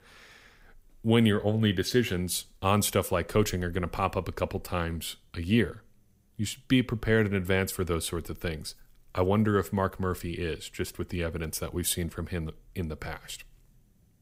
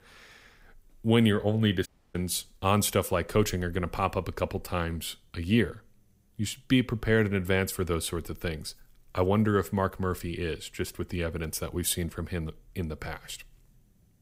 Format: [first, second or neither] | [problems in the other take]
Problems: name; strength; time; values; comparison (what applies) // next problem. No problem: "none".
first | audio cutting out; at 2 s